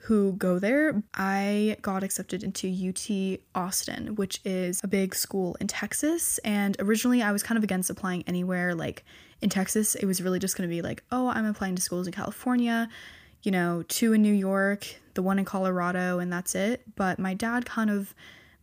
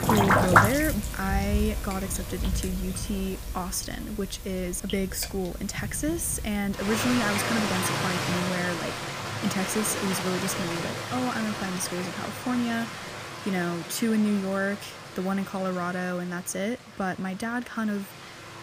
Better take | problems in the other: first | rain or running water; loud; throughout; as loud as the speech

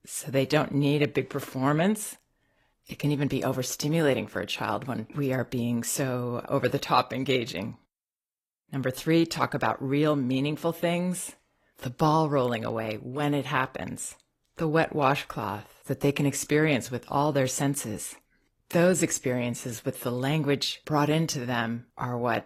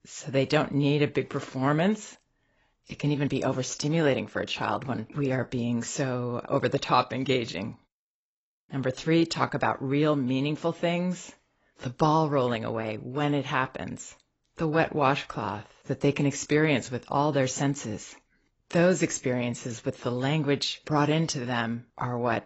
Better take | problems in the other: first | garbled, watery; badly; nothing above 7.5 kHz; slightly in the first

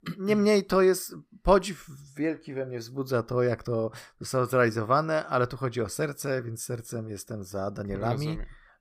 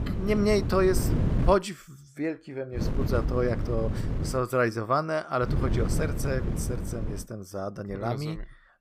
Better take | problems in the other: first | wind noise on the microphone; heavy; until 1.5 s, from 3 to 4.5 s and from 5.5 to 7 s; 10 dB below the speech

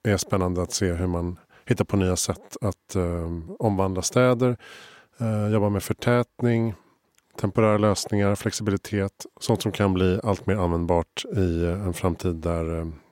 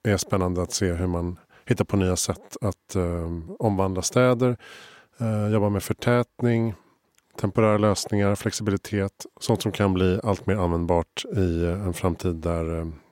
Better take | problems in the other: neither | none

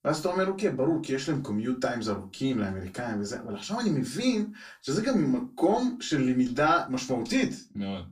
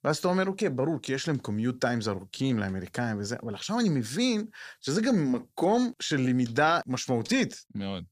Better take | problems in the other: second | off-mic speech; far // room echo; very slight; dies away in 0.2 s

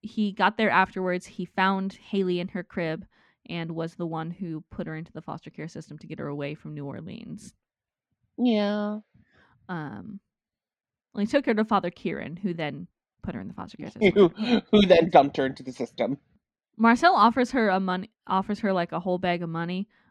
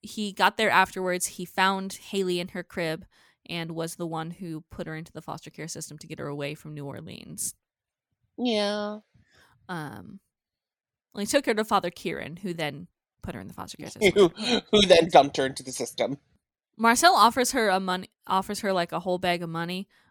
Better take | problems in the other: second | muffled; slightly; fading above 3 kHz

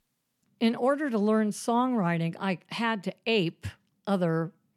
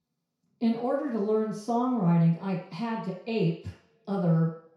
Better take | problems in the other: first | room echo; noticeable; dies away in 0.6 s // off-mic speech; far

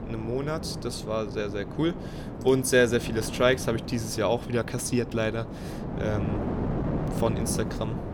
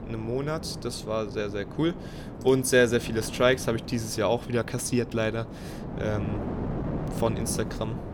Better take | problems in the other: second | wind noise on the microphone; heavy; 10 dB below the speech; occasional gusts in the second

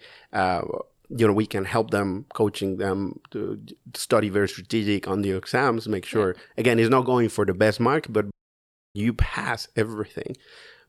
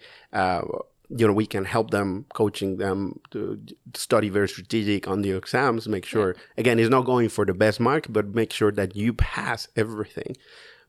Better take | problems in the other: second | audio cutting out; at 8.5 s for 0.5 s

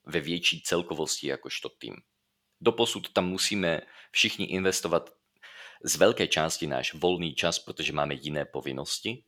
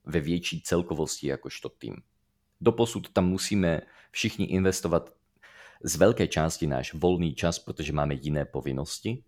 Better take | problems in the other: second | thin; very slightly; fading below 450 Hz

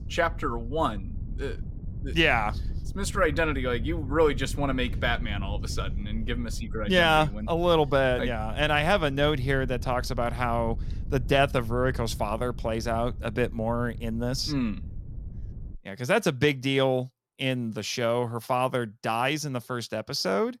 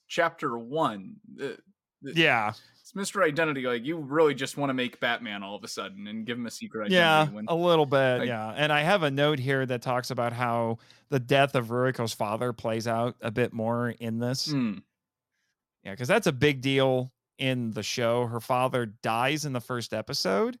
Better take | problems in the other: second | wind noise on the microphone; occasional gusts; until 16 s; 25 dB below the speech

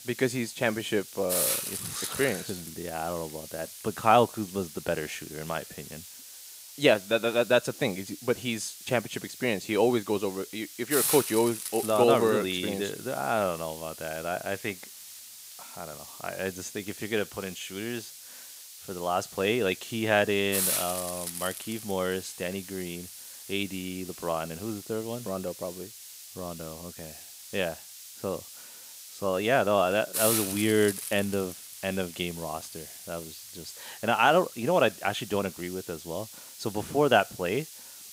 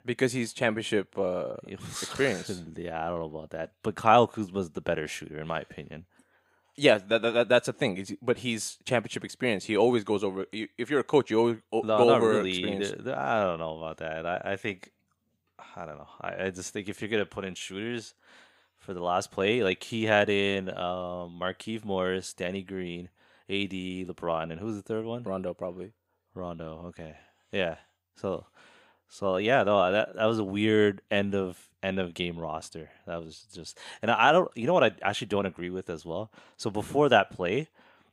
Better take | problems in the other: second | hiss; loud; throughout; 8 dB below the speech

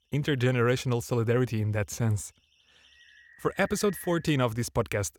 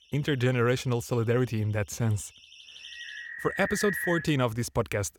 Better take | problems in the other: first | alarms or sirens; loud; throughout; 7 dB below the speech; faint in the first

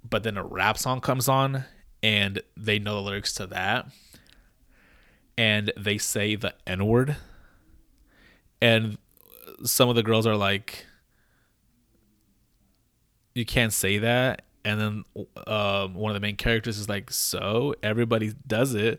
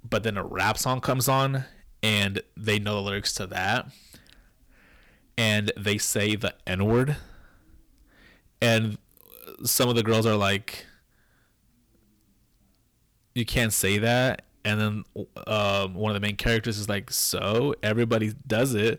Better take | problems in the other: first | distortion; slight; 3% of the sound clipped

